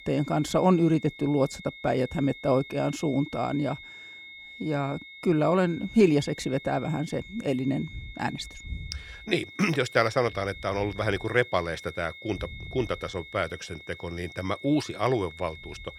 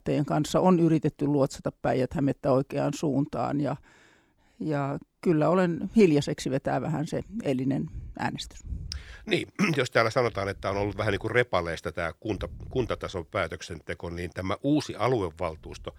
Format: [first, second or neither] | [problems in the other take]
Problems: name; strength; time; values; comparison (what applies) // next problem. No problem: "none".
second | high-pitched whine; noticeable; throughout; 2 kHz, 15 dB below the speech